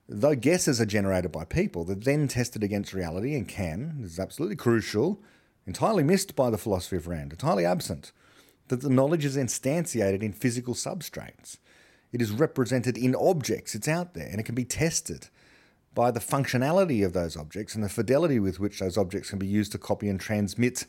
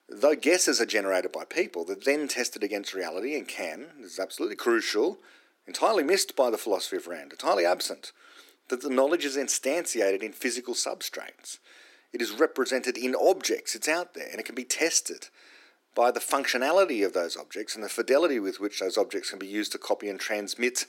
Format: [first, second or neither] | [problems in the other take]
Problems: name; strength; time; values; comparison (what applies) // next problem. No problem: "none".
first | thin; somewhat; fading below 300 Hz